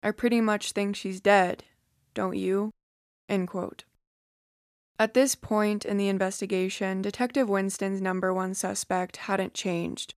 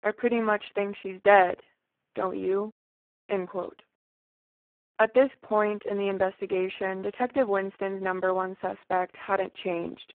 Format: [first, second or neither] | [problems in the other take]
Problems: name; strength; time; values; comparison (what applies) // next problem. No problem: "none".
first | phone-call audio; poor line